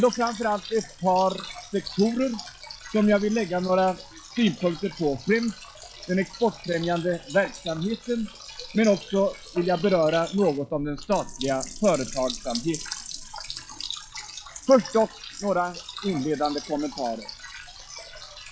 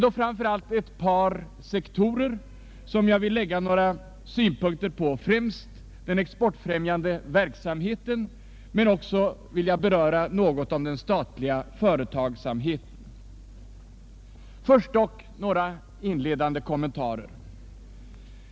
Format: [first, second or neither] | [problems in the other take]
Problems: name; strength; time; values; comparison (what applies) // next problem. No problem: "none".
second | noise reduction (classical method log-MMSE)